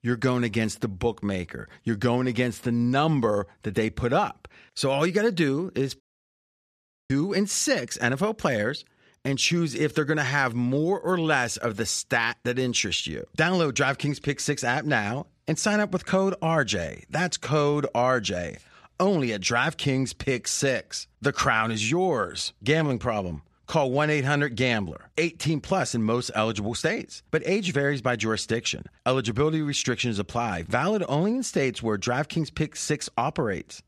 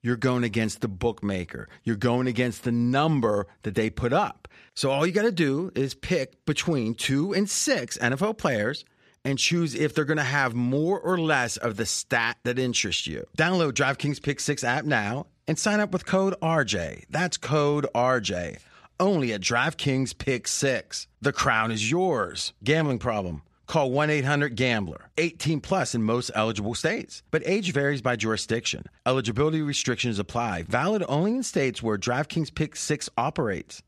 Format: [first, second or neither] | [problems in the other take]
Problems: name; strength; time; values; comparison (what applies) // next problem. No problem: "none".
second | audio cutting out; at 6 s for 1 s